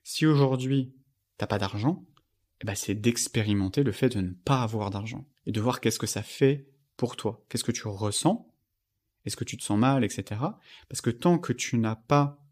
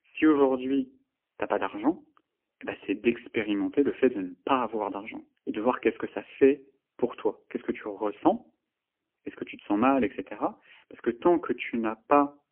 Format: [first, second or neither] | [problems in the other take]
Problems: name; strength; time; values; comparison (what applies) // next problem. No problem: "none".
first | phone-call audio; poor line; nothing above 3 kHz